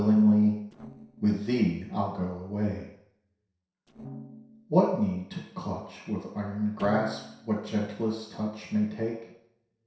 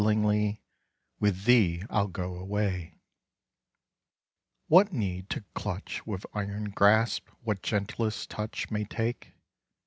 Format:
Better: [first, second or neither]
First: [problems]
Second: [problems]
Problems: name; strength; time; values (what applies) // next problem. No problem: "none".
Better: second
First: noise reduction (neural separator model SepFormer DNS4)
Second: none